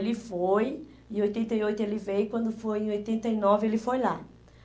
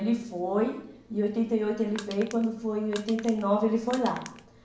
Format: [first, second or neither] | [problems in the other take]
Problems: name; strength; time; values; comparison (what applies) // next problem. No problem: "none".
first | background sound (Crushing); 15 dB below the speech // room echo; dies away in 0.7 s